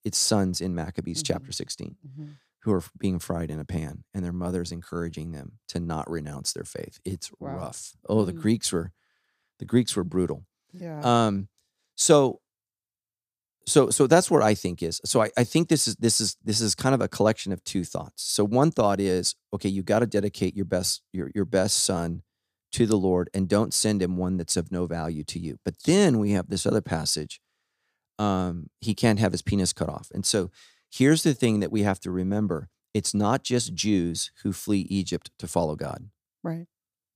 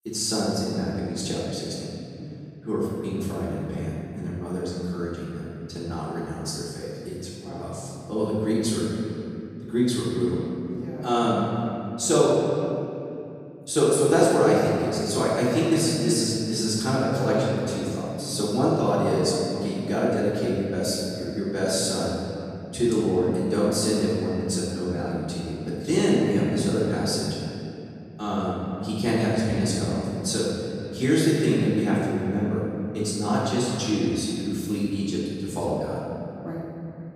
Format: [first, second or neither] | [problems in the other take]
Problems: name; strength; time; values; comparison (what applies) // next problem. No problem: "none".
first | room echo; strong; dies away in 2.6 s // off-mic speech; far